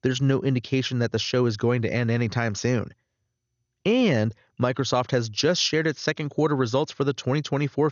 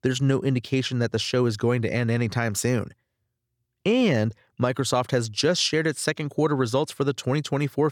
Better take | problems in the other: second | garbled, watery; slightly; nothing above 6.5 kHz

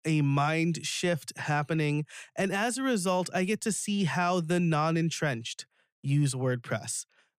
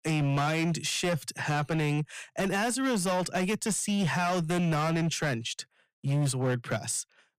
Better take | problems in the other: first | distortion; slight; 19% of the sound clipped

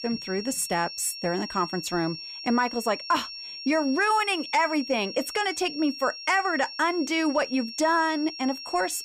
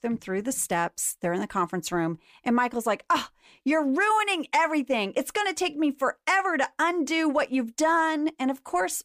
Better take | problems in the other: second | high-pitched whine; loud; throughout; 5.5 kHz, 10 dB below the speech

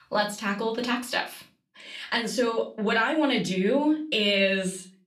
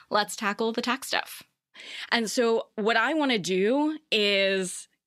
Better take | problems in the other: second | off-mic speech; far // room echo; very slight; dies away in 0.3 s

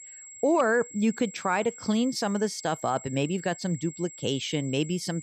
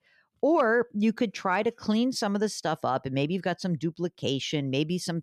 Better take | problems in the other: second | high-pitched whine; noticeable; throughout; 7.5 kHz, 15 dB below the speech

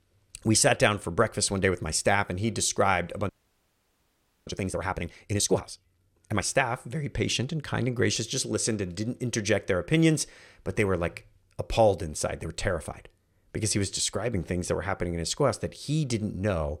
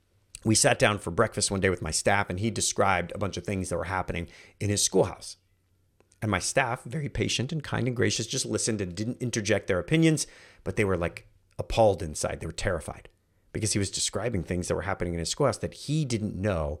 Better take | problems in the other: second | audio freezing; at 3.5 s for 1 s

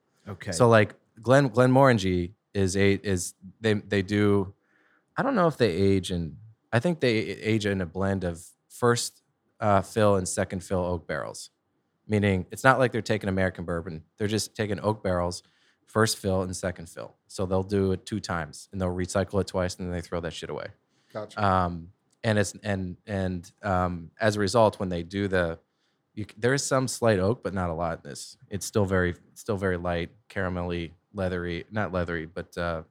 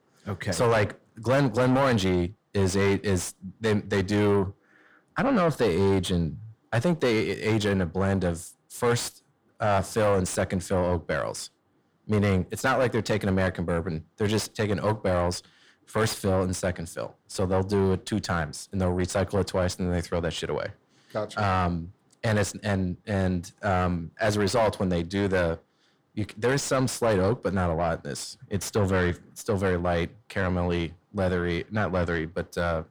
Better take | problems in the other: first | distortion; heavy; 6 dB below the speech

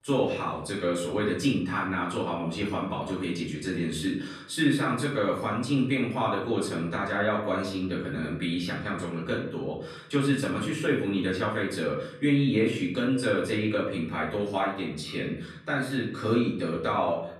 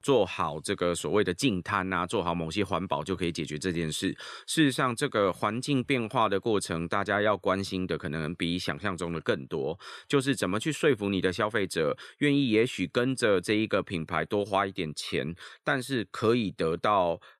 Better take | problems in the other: second | off-mic speech; far // room echo; noticeable; dies away in 0.6 s

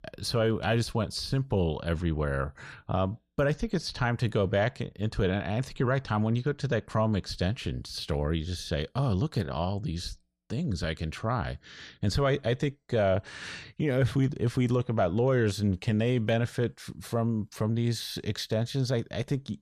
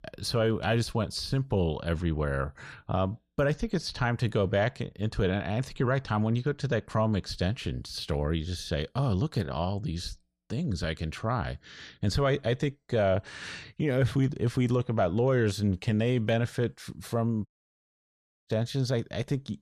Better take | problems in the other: first | audio cutting out; at 17 s for 1 s

